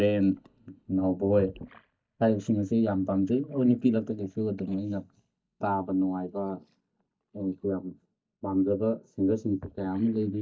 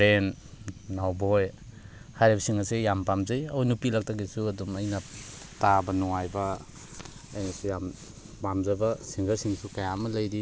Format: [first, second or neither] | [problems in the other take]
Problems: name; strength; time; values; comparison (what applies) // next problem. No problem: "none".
second | noise reduction (neural mask model DeepFilterNet 3)